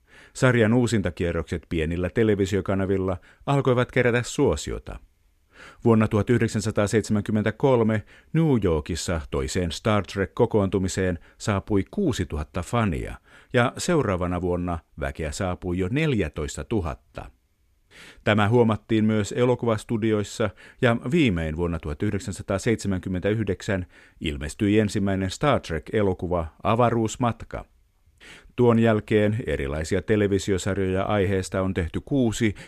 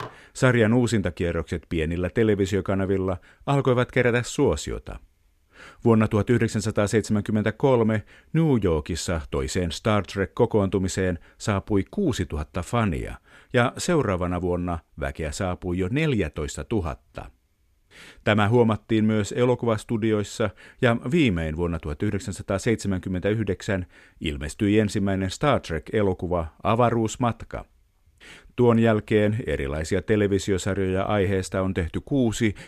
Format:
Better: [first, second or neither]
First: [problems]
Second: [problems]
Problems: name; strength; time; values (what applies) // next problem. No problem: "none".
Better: first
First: none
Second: clattering dishes; faint; at the start; peak 15 dB below the speech